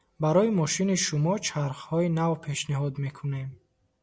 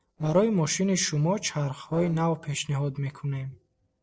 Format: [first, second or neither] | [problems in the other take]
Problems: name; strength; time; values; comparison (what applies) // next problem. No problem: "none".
first | noise reduction (neural separator model SepFormer DNS4)